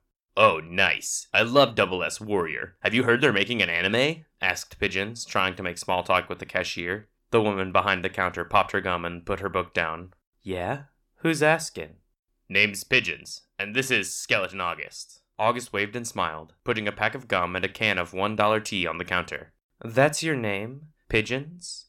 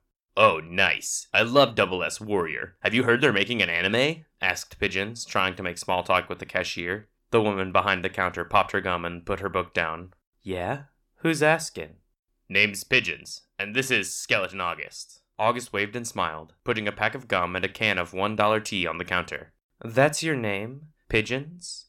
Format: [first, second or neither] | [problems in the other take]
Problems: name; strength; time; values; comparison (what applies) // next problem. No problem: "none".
neither | none